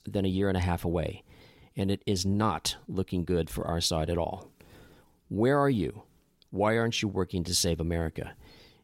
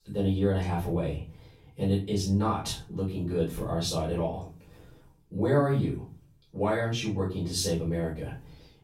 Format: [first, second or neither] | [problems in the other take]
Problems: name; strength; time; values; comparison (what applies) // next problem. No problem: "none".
first | room echo; slight; dies away in 0.4 s // off-mic speech; far